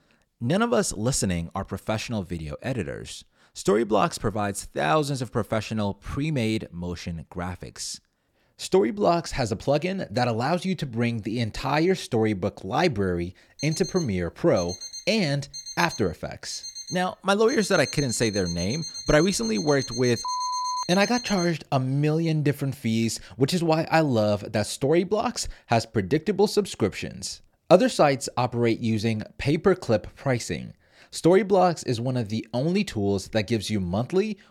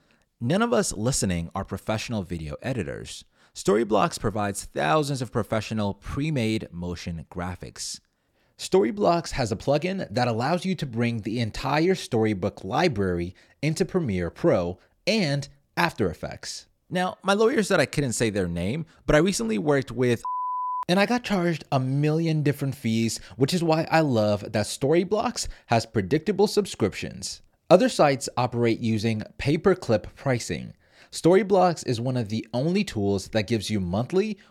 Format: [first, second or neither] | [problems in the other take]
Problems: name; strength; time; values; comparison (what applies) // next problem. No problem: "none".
second | alarm; noticeable; from 14 to 22 s; peak 7 dB below the speech